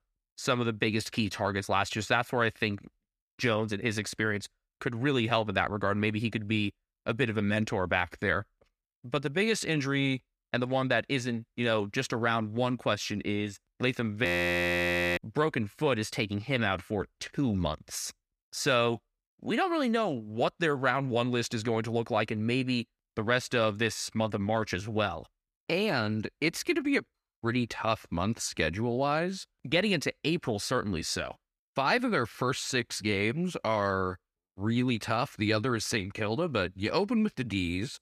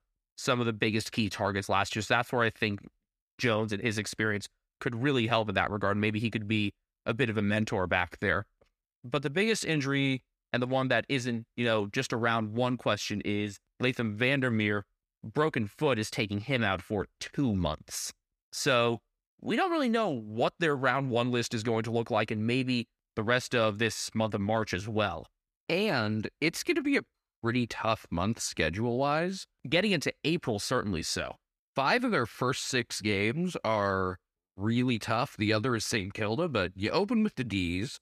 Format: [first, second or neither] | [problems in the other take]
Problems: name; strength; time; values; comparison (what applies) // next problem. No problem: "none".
second | audio freezing; at 14 s for 1 s